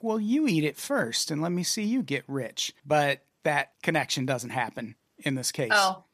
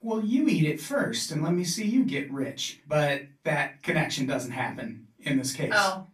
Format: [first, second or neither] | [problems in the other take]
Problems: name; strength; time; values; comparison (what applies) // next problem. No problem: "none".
first | off-mic speech; far // room echo; very slight; dies away in 0.3 s